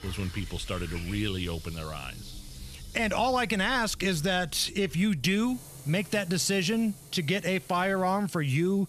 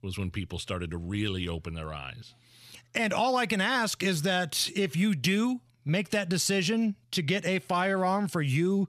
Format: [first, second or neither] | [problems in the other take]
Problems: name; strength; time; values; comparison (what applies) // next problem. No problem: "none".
second | household noises; noticeable; throughout; 15 dB below the speech